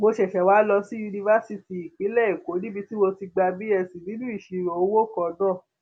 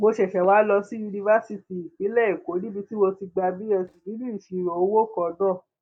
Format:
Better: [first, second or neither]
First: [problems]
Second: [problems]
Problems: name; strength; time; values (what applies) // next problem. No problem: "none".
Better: first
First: none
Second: noise reduction (neural mask model DeepFilterNet 3)